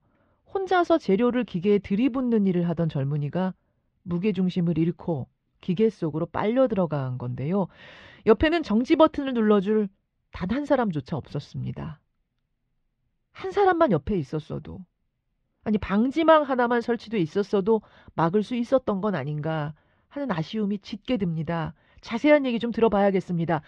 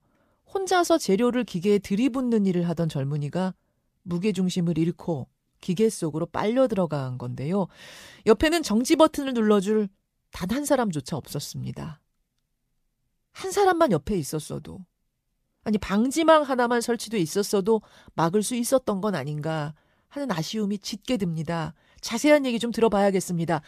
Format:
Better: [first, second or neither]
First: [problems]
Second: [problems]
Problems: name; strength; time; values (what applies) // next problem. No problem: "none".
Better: second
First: muffled; slightly; fading above 3 kHz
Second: none